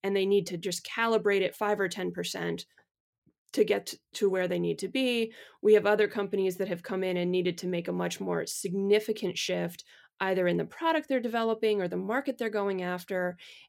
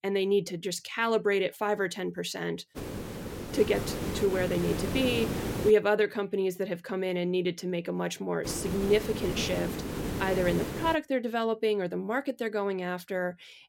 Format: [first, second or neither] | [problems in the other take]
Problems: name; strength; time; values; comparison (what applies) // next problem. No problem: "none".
first | hiss; loud; from 3 to 5.5 s and from 8.5 to 11 s; 5 dB below the speech